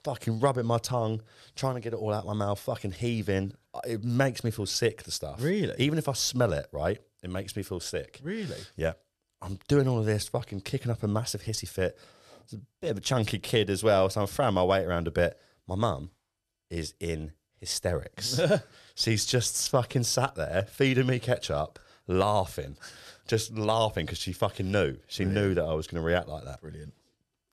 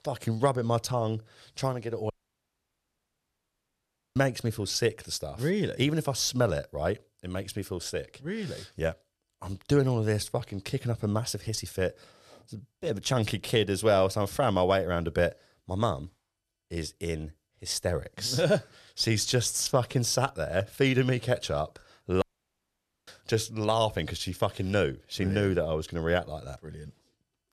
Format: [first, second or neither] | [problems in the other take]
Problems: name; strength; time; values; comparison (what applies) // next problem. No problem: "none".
first | audio cutting out; at 2 s for 2 s and at 22 s for 1 s